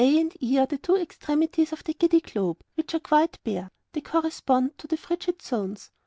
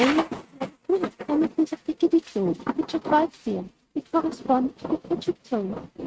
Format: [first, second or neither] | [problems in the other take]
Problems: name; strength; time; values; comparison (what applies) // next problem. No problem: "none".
first | noise reduction (neural mask model RNNoise)